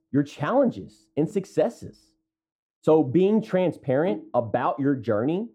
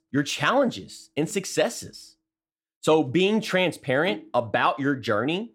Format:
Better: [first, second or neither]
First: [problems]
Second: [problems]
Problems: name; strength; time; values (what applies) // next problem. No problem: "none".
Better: second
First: muffled; very; fading above 1.5 kHz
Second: none